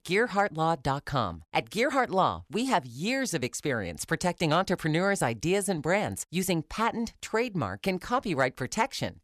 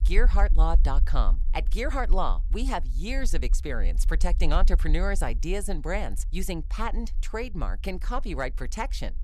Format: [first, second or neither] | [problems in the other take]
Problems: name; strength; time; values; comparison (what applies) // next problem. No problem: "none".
first | low rumble; faint; throughout; 20 dB below the speech